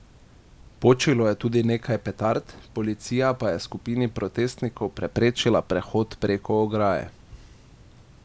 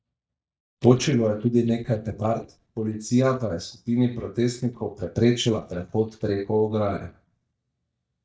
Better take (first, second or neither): first